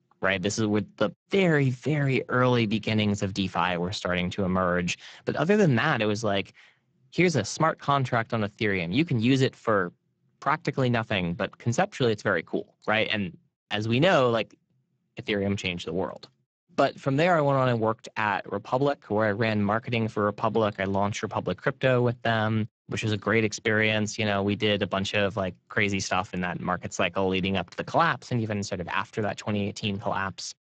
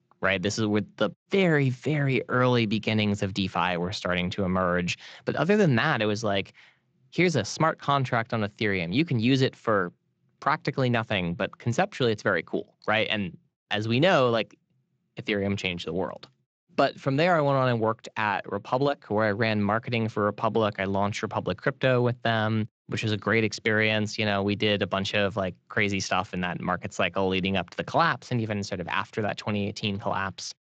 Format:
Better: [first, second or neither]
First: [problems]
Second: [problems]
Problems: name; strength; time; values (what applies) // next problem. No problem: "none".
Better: second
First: garbled, watery; badly; nothing above 7.5 kHz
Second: garbled, watery; slightly; nothing above 7.5 kHz